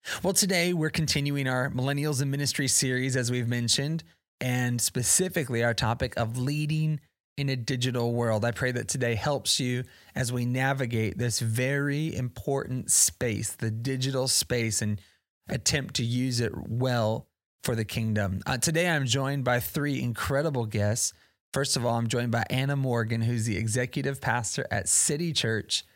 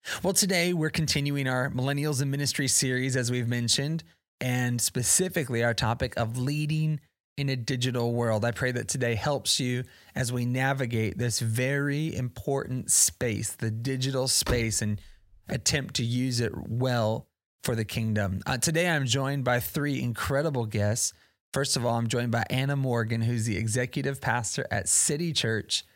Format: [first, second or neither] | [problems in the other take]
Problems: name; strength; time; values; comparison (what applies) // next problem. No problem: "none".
first | door banging; noticeable; at 14 s; peak 7 dB below the speech